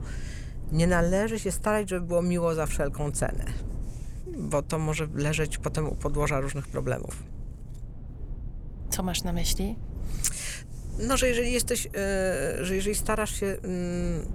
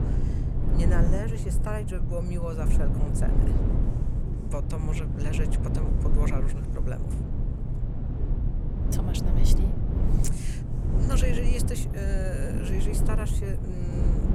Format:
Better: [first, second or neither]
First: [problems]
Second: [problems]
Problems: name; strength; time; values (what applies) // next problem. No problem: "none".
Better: first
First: low rumble; faint; throughout; 20 dB below the speech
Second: low rumble; loud; throughout; 2 dB below the speech